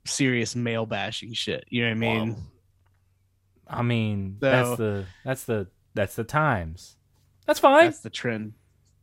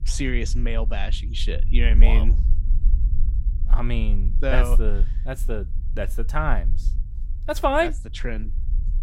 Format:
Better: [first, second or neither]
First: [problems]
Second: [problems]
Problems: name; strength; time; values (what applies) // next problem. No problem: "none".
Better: first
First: none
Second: low rumble; noticeable; throughout; 20 dB below the speech